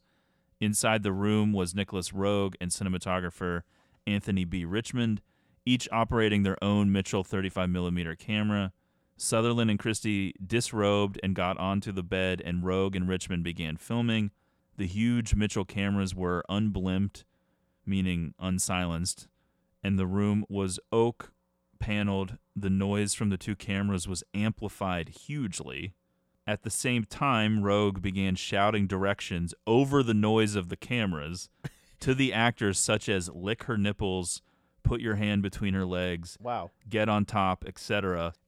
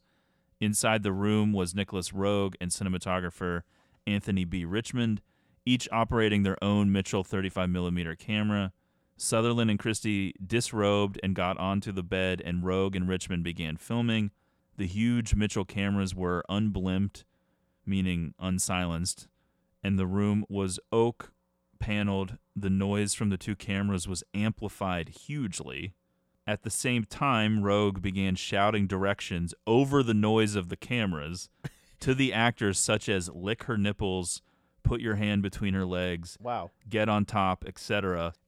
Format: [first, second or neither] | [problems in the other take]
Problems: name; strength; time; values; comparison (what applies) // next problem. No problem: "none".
neither | none